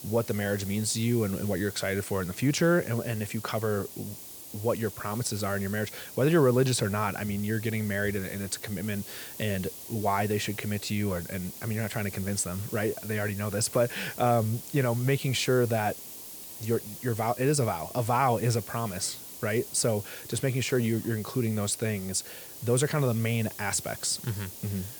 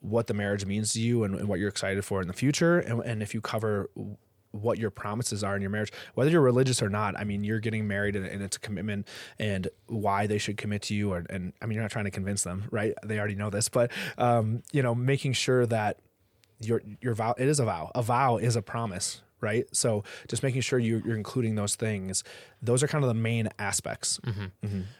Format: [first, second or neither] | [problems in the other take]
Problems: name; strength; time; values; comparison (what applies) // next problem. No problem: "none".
second | hiss; noticeable; throughout; 10 dB below the speech